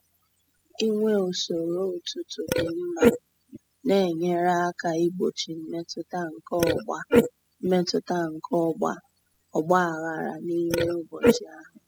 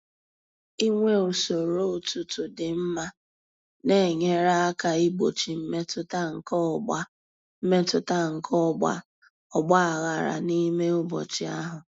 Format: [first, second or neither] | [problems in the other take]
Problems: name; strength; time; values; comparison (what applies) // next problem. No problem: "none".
second | noise reduction (classical method spectral subtraction)